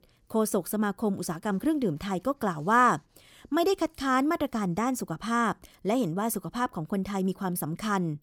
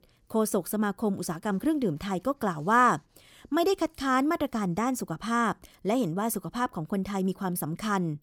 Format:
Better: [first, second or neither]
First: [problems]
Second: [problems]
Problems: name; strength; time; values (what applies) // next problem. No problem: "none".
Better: neither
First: none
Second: none